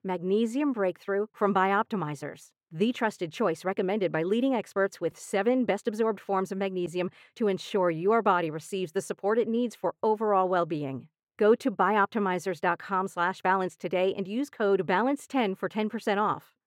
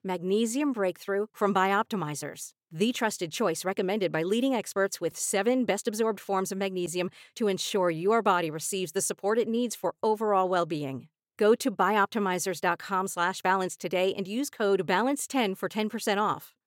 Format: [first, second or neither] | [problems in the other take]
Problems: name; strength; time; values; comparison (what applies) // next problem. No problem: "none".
second | muffled; slightly; fading above 3.5 kHz